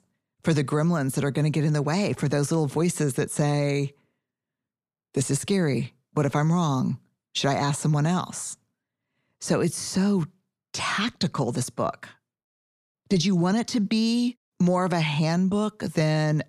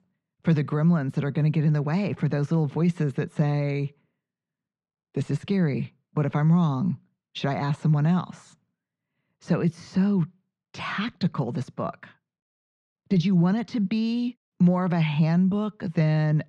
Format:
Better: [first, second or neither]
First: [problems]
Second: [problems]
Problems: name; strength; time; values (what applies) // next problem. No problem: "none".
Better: first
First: none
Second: muffled; slightly; fading above 3 kHz